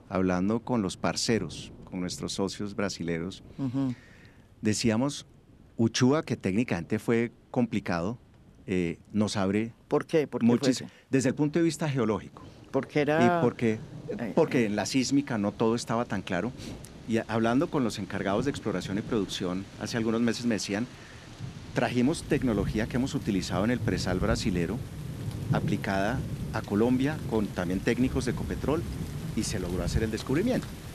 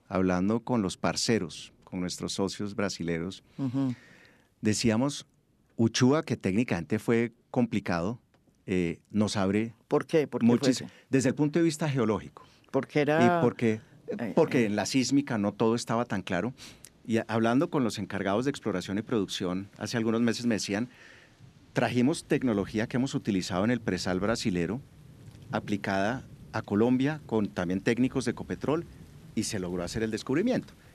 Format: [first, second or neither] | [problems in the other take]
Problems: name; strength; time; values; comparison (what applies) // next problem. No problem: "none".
second | rain or running water; loud; throughout; 10 dB below the speech; faint in the second